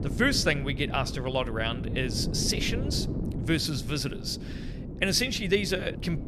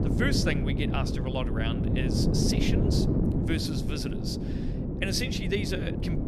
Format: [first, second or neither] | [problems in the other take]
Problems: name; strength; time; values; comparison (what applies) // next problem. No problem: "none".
first | wind noise on the microphone; heavy; 2 dB below the speech; occasional gusts in the first